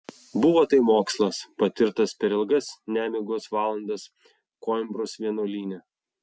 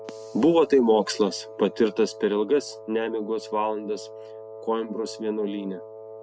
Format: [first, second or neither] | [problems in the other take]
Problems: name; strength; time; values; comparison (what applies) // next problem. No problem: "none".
first | background sound (Wind instrument, woodwind instrument); 16 dB below the speech